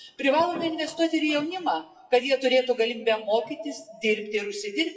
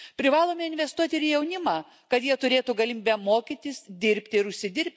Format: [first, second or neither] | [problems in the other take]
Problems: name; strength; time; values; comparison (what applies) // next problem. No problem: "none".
second | noise reduction (classical method WPE with log-MMSE)